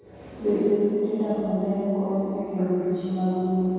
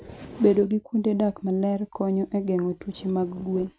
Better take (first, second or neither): second